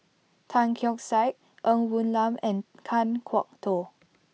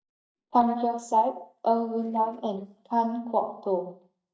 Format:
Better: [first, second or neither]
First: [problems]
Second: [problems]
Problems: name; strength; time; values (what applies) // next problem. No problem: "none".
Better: first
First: none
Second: noise reduction (neural mask model DeepFilterNet 3)